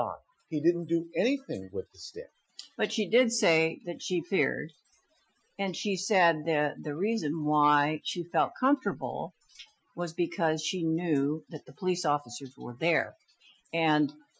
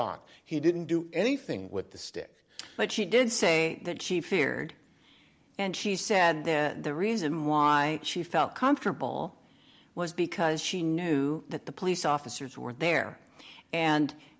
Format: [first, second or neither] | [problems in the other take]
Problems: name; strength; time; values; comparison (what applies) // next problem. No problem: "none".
second | noise reduction (classical method Wiener filter)